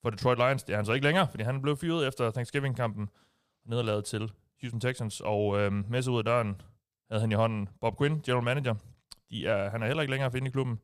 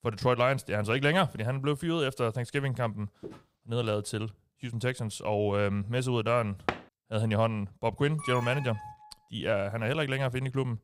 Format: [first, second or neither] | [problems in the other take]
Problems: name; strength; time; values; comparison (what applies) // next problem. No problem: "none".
first | footsteps; faint; at 3 s; peak 15 dB below the speech // door banging; noticeable; at 6.5 s; peak 5 dB below the speech // alarm; noticeable; at 8 s; peak 7 dB below the speech